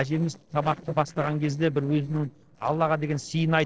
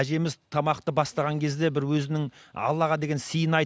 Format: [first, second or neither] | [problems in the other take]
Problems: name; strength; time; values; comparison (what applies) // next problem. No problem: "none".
second | noise reduction (neural separator model SepFormer DNS4)